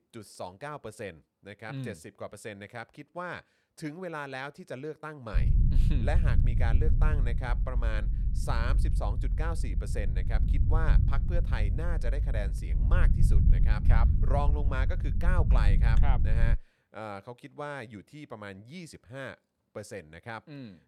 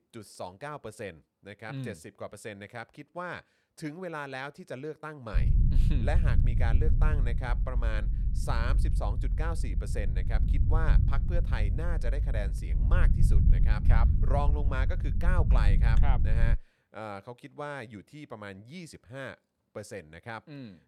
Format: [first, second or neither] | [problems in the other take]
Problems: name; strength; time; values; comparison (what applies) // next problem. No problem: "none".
neither | low rumble; loud; from 5.5 to 17 s; 7 dB below the speech; the same in both